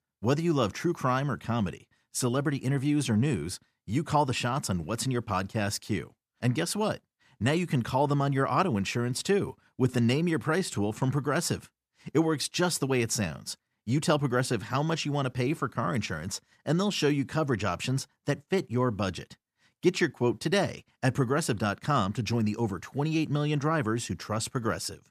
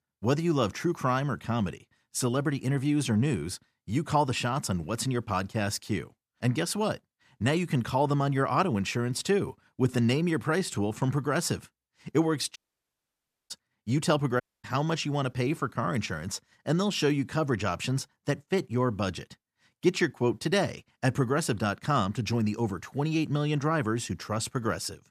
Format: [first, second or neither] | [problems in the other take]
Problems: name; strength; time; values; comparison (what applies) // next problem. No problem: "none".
first | audio cutting out; at 13 s for 1 s and at 14 s